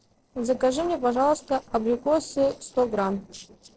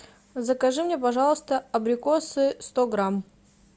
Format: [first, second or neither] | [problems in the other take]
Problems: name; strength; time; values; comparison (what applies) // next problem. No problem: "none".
second | noise reduction (neural separator model SepFormer DNS4)